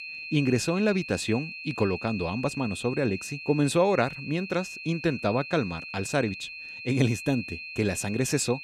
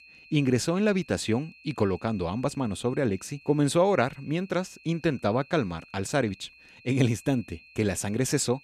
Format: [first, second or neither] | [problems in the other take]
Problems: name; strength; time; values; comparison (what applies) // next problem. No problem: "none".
second | high-pitched whine; loud; throughout; 2.5 kHz, 10 dB below the speech; faint in the second